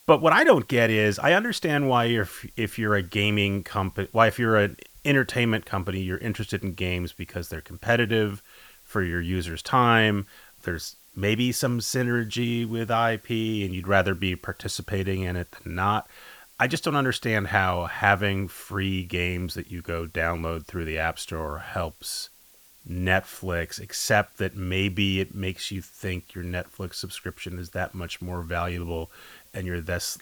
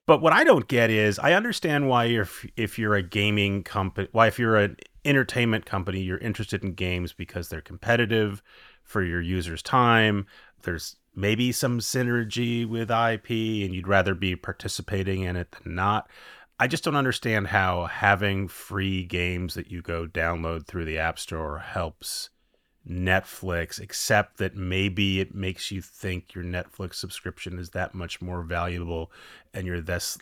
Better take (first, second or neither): second